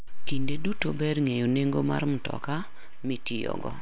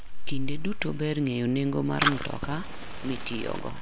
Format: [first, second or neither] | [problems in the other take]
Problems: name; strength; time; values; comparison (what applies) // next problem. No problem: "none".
first | background sound (Fire); 10 dB below the speech